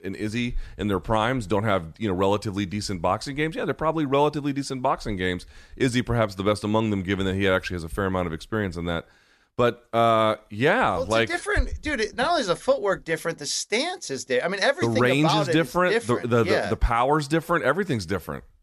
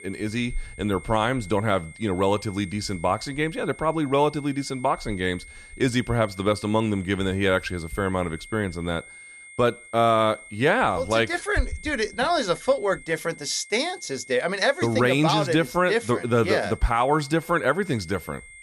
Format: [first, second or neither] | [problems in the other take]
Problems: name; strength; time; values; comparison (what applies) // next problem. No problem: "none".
first | high-pitched whine; noticeable; throughout; 2 kHz, 20 dB below the speech